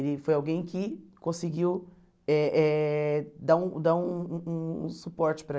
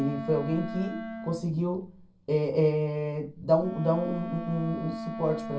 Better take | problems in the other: first | background sound (Wind instrument, woodwind instrument); 10 dB below the speech // room echo; dies away in 0.2 s

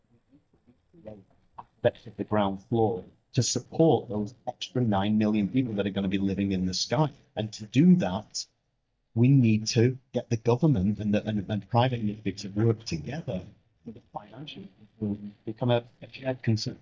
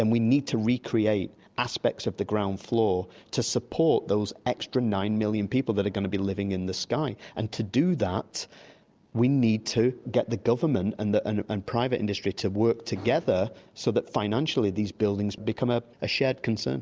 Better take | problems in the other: second | noise reduction (neural mask model DeepFilterNet 3)

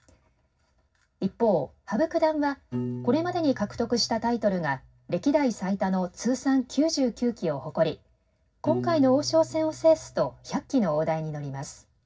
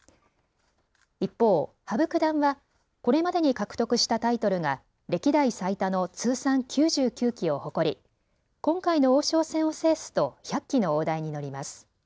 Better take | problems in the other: second | background sound (Piano); 15 dB below the speech // room echo; dies away in 0.4 s

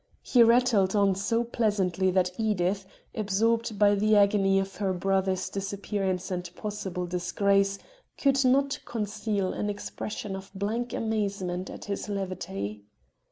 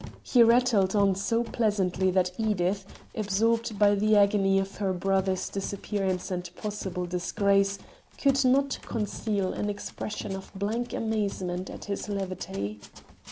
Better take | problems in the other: first | background sound (Run); 18 dB below the speech

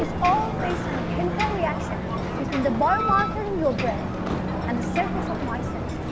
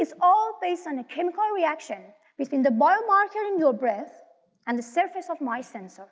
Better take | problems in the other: second | background sound (Ocean + Wind instrument, woodwind instrument); as loud as the speech

